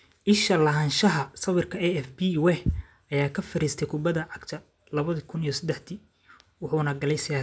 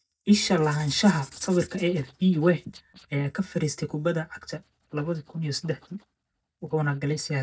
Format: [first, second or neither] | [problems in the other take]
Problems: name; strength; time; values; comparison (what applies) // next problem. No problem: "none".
first | noise reduction (neural mask model DeepFilterNet 3)